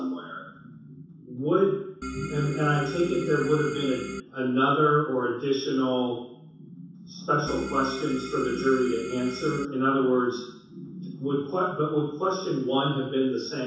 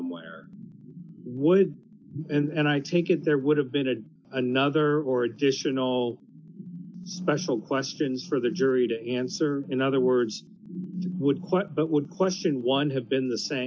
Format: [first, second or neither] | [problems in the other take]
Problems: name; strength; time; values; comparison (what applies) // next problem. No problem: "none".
second | background sound (Organ); 8 dB below the speech // room echo; dies away in 0.7 s